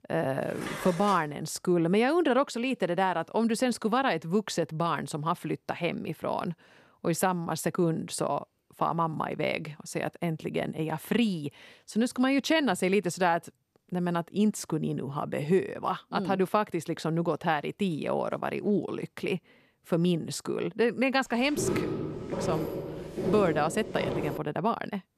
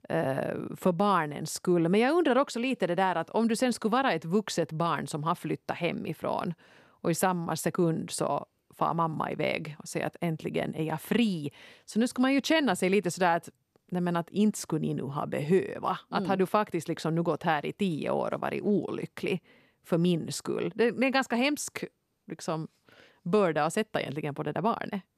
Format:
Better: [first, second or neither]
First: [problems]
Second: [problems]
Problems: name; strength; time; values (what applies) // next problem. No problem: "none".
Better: second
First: clattering dishes; noticeable; at 0.5 s; peak 8 dB below the speech // footsteps; noticeable; from 22 to 24 s; peak 1 dB below the speech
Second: none